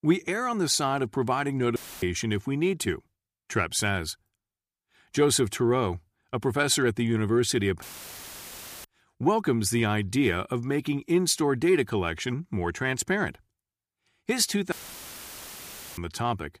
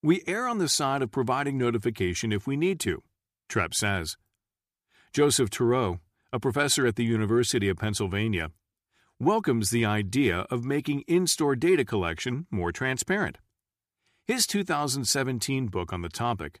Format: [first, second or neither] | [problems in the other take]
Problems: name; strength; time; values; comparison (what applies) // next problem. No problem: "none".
second | audio cutting out; filled with static; at 2 s, at 8 s for 1 s and at 15 s for 1.5 s